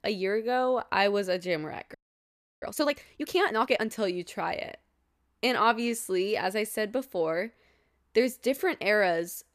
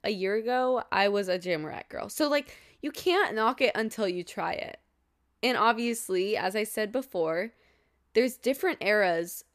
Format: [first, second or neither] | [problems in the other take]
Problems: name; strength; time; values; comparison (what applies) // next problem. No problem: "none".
second | audio freezing; at 2 s for 0.5 s